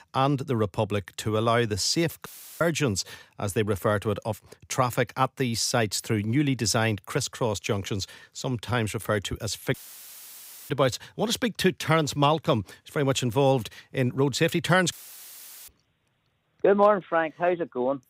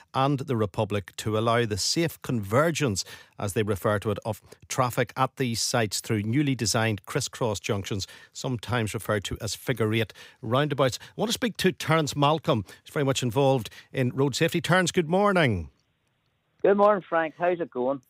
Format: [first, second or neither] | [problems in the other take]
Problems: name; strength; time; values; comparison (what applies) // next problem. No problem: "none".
second | audio cutting out; filled with static; at 2.5 s, at 9.5 s for 1 s and at 15 s for 1 s